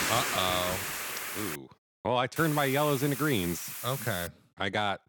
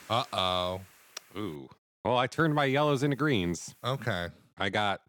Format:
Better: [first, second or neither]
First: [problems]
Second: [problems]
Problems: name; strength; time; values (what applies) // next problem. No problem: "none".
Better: second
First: hiss; loud; until 1.5 s and from 2.5 to 4.5 s; 4 dB below the speech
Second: hiss; faint; until 1.5 s and from 2.5 to 4.5 s; 30 dB below the speech